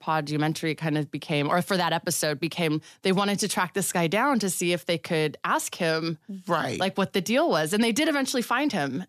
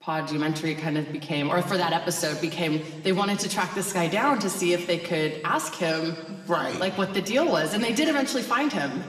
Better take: first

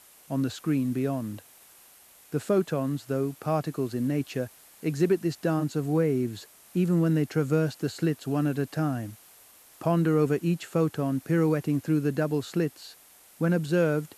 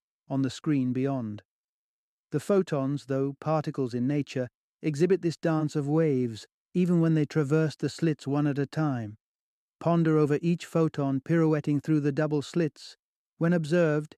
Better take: second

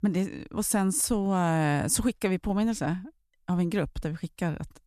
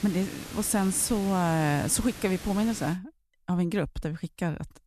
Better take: first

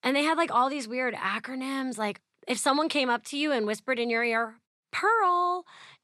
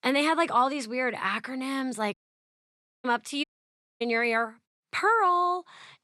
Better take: first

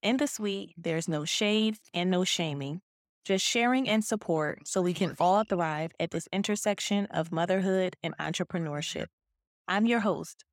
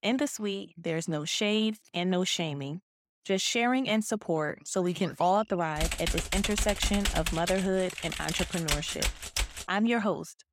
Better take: first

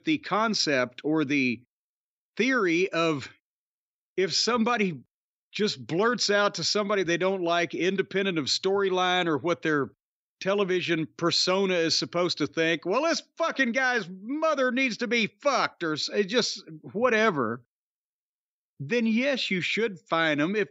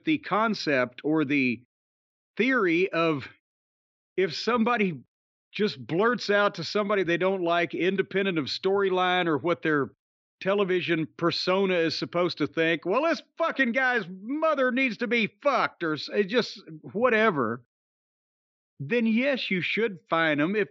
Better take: first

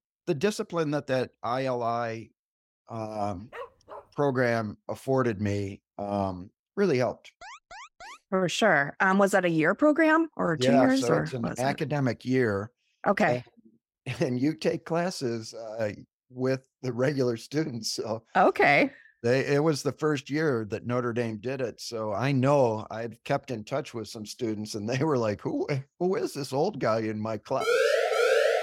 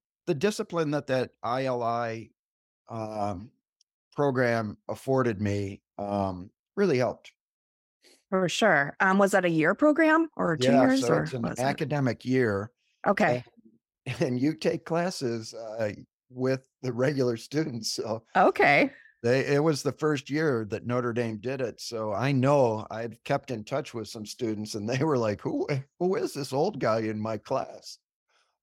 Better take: second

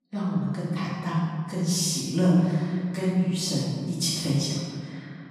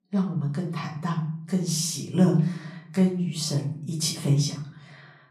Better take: second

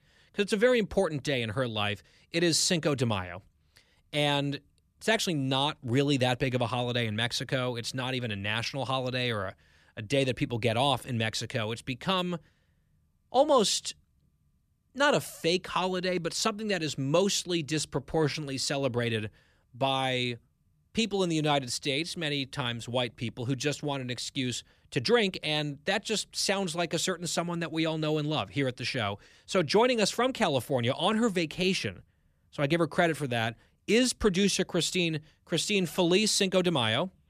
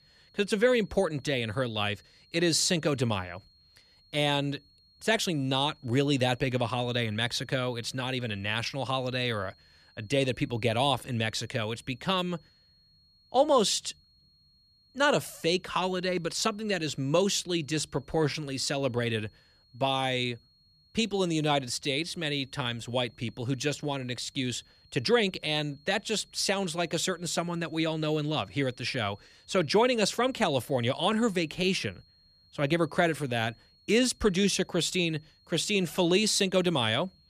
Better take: first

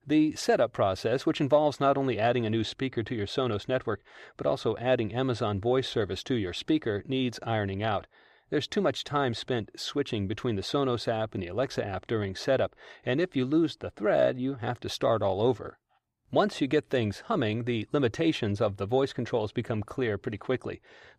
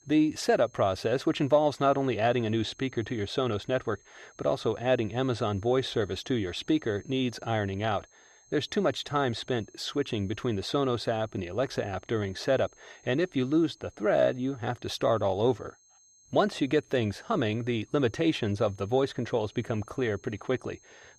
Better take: first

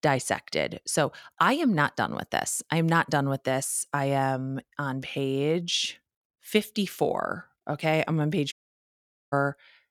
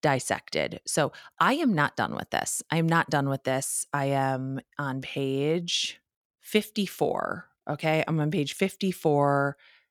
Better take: second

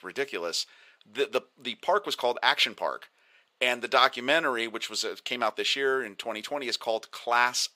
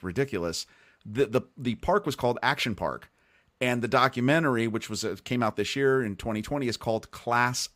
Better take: second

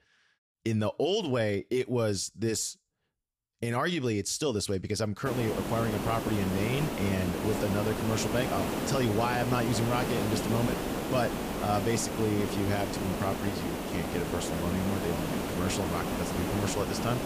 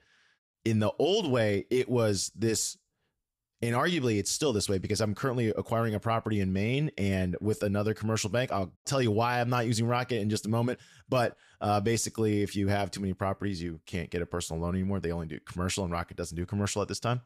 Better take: second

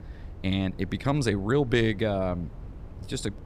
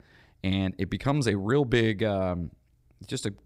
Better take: second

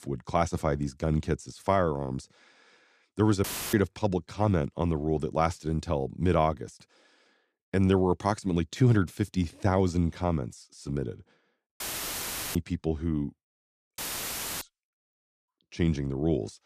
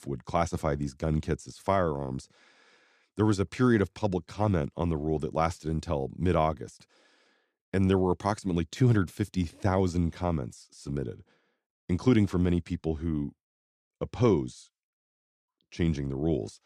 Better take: second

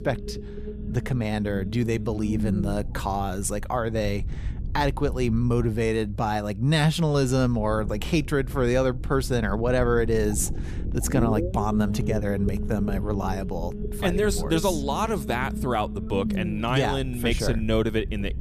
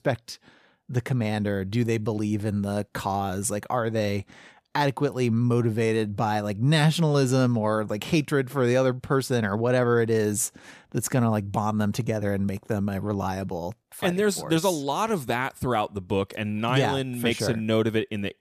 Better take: second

